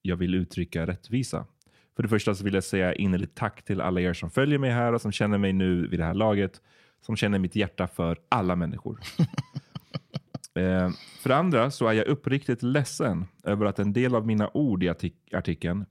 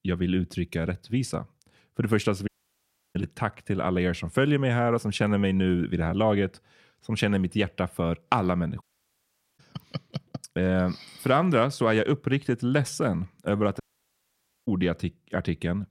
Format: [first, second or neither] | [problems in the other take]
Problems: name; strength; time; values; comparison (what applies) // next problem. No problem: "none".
first | audio cutting out; at 2.5 s for 0.5 s, at 9 s for 1 s and at 14 s for 1 s